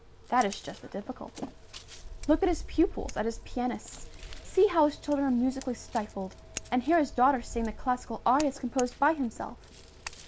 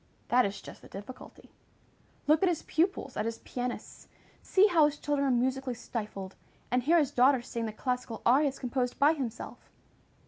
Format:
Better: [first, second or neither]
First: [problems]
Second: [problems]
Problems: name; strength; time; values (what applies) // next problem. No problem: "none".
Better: second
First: background sound (Scissors); 13 dB below the speech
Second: none